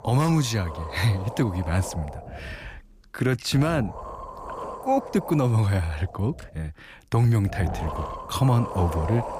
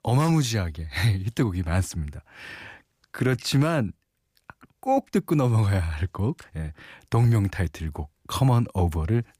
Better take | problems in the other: second | wind noise on the microphone; heavy; 6 dB below the speech

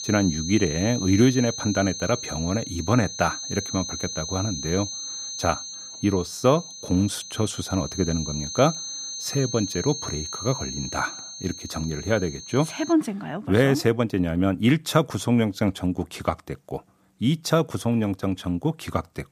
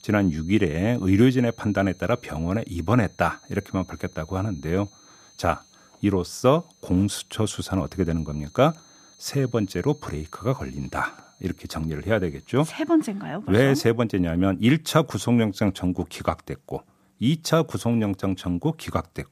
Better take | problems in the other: second | high-pitched whine; loud; until 13 s; 6 kHz, 7 dB below the speech; faint in the second

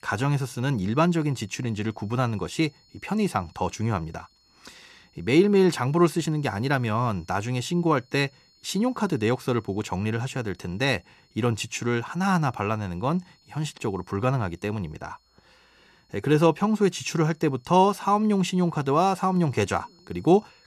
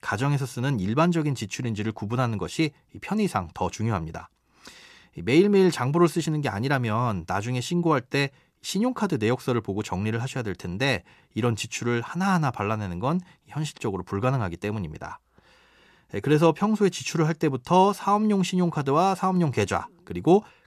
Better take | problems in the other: second | high-pitched whine; faint; throughout; 4.5 kHz, 35 dB below the speech

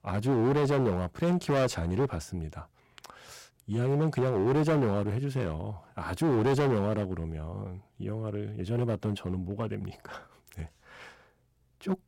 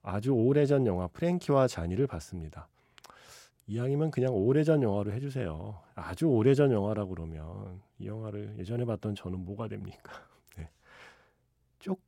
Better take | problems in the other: second | distortion; heavy; 9% of the sound clipped

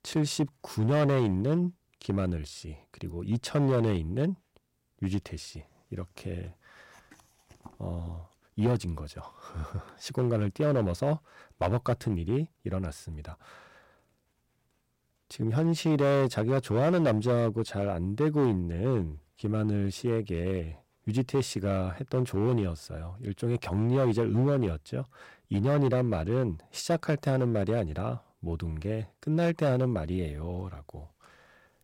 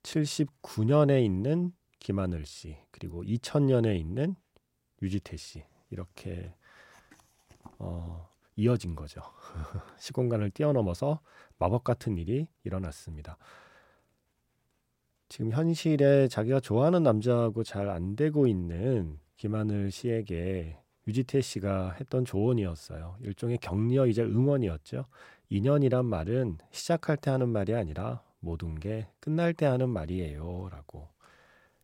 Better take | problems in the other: second | distortion; slight; 5% of the sound clipped

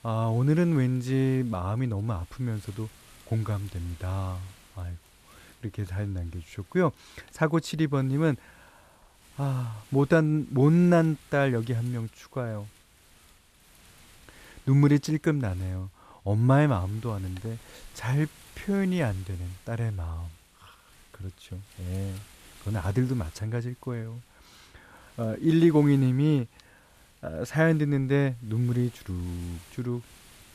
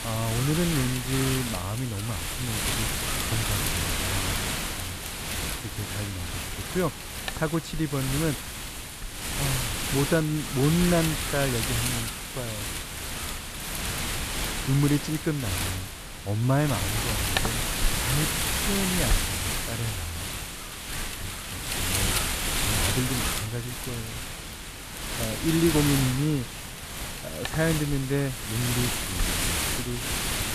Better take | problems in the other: first | wind noise on the microphone; heavy; 3 dB above the speech; occasional gusts in the first

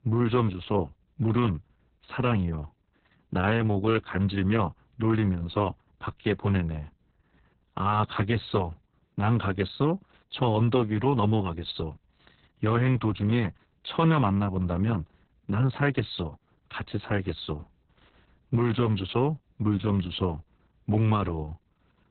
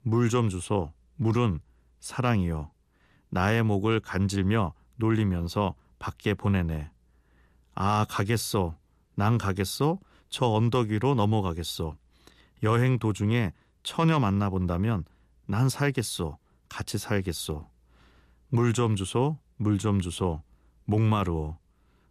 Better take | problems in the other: second | garbled, watery; badly; nothing above 4 kHz

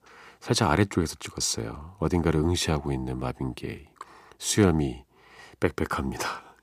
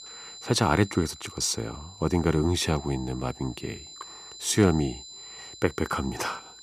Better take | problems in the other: first | high-pitched whine; noticeable; throughout; 4 kHz, 15 dB below the speech

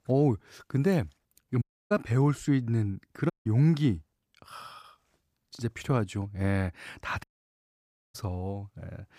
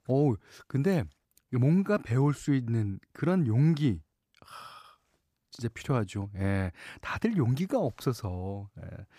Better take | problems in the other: second | audio cutting out; at 1.5 s, at 3.5 s and at 7 s for 1 s

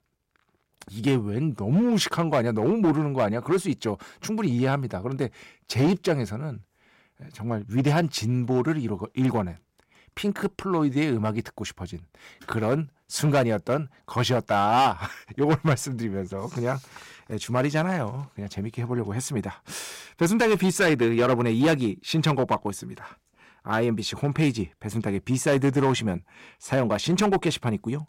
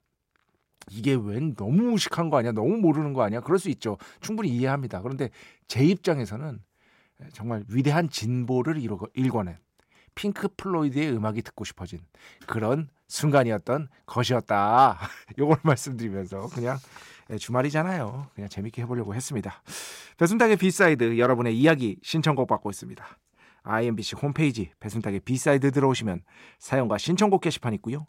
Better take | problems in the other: second | distortion; slight; 4% of the sound clipped

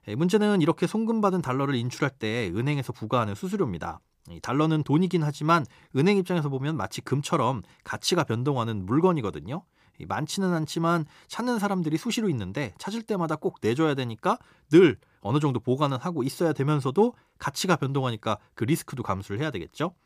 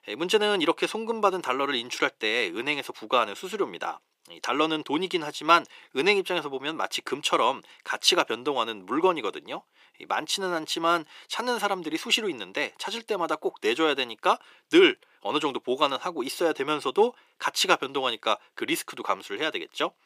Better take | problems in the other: first | thin; very; fading below 350 Hz

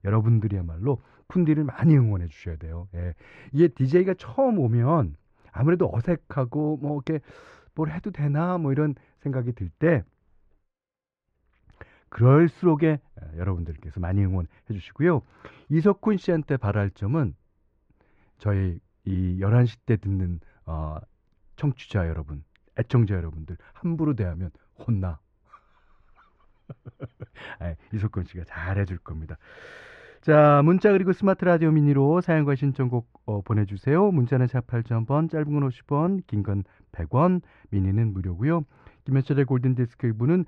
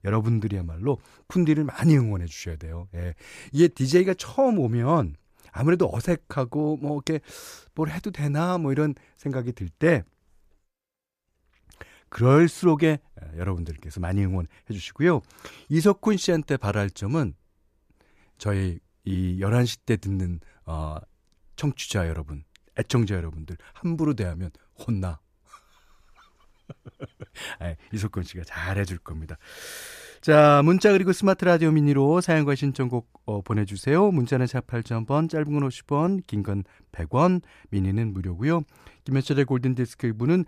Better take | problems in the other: second | muffled; very; fading above 2 kHz

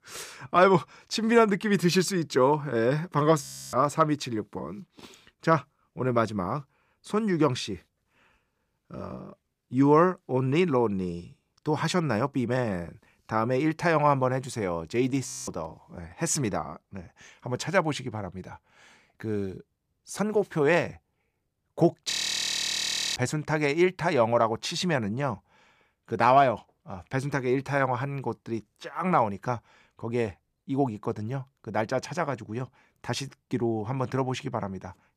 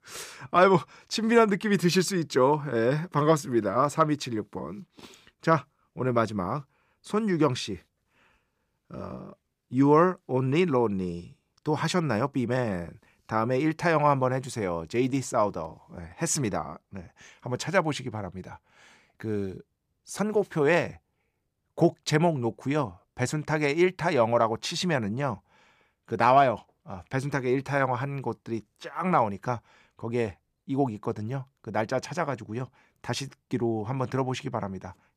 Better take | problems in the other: second | audio freezing; at 3.5 s, at 15 s and at 22 s for 1 s

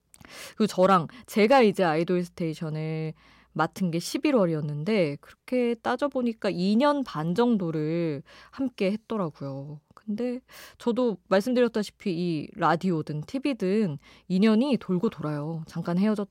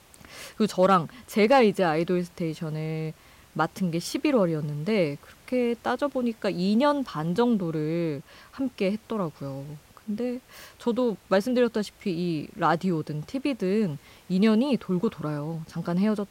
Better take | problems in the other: first | hiss; faint; throughout; 30 dB below the speech

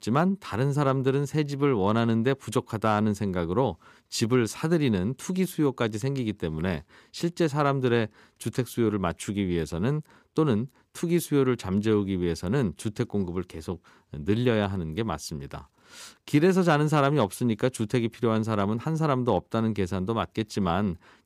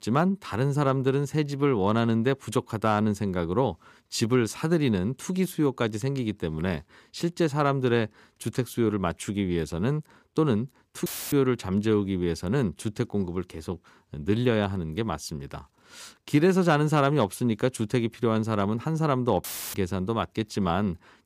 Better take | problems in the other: first | audio cutting out; filled with static; at 11 s and at 19 s

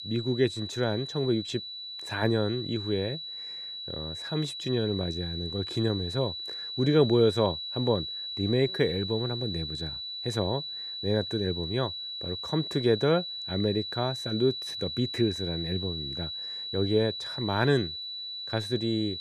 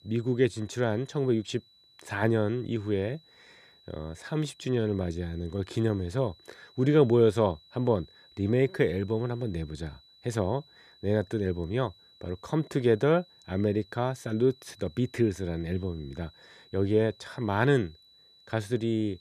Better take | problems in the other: second | high-pitched whine; loud; throughout; 4 kHz, 5 dB below the speech; faint in the second

